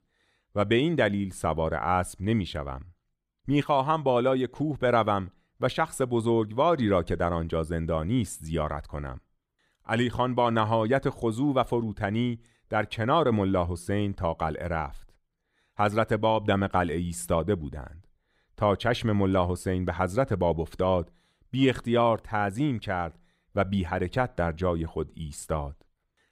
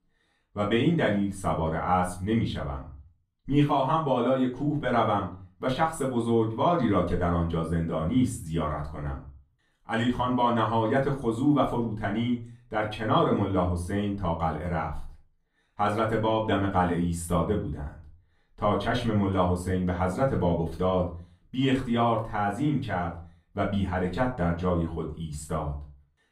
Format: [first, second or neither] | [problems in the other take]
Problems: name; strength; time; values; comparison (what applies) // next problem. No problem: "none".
first | off-mic speech; far // room echo; slight; dies away in 0.3 s